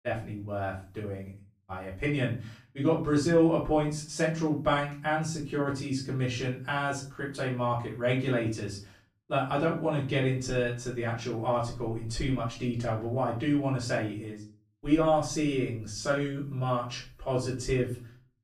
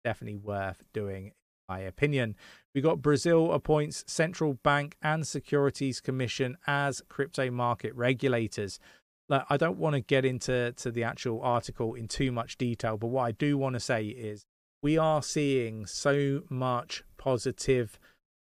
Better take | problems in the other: second | room echo; slight; dies away in 0.3 s // off-mic speech; far

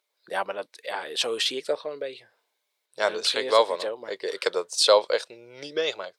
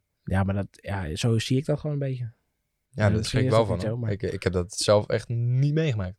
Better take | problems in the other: second | thin; very; fading below 450 Hz

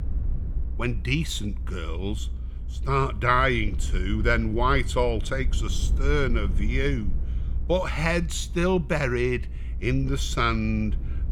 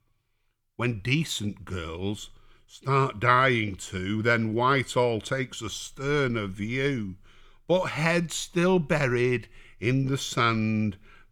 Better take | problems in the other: second | low rumble; faint; throughout; 20 dB below the speech

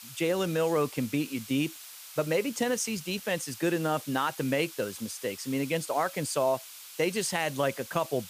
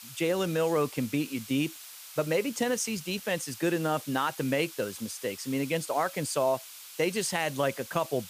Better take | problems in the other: neither | hiss; noticeable; throughout; 15 dB below the speech; the same in both

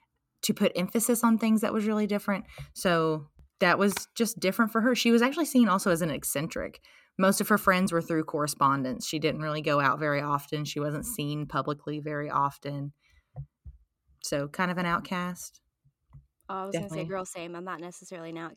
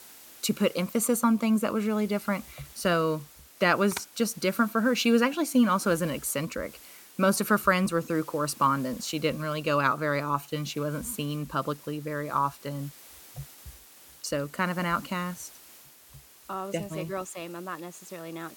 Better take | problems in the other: first | hiss; faint; throughout; 20 dB below the speech

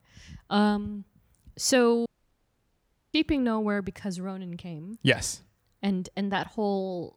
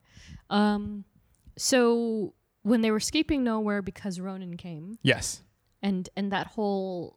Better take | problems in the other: second | audio cutting out; at 2 s for 1 s

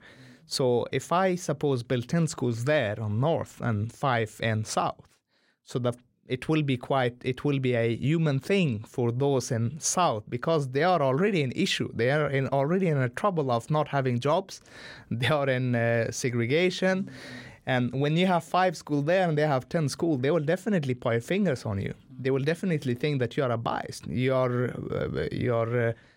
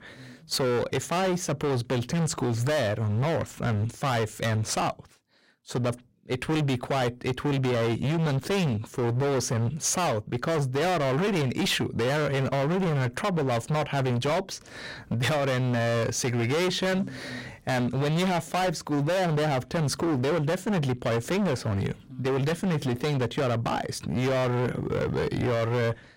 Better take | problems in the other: first | distortion; heavy; 30% of the sound clipped

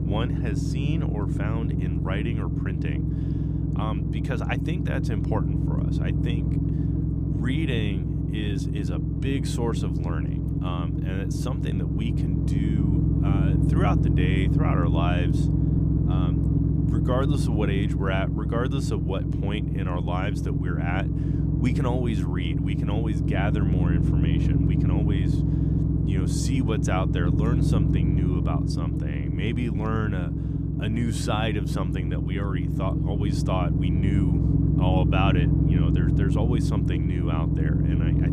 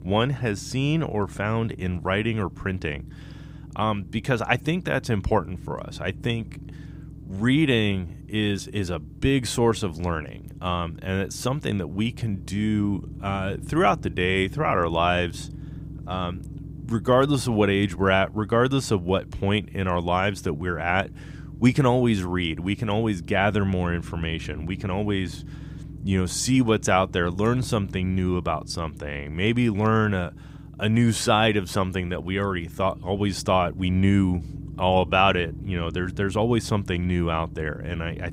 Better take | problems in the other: second | low rumble; loud; throughout; as loud as the speech; faint in the second

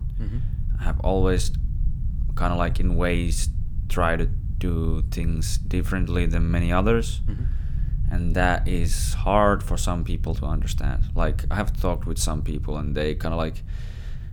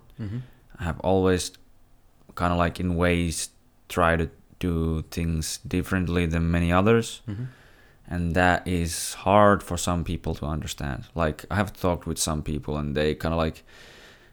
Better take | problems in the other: second | low rumble; noticeable; throughout; 20 dB below the speech

